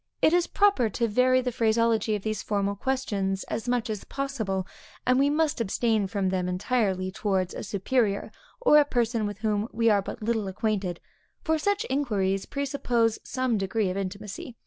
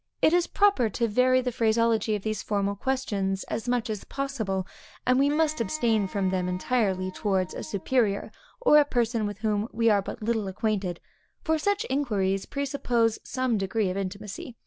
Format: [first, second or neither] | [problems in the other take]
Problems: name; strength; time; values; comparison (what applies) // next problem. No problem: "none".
first | background sound (Wind instrument, woodwind instrument); 20 dB below the speech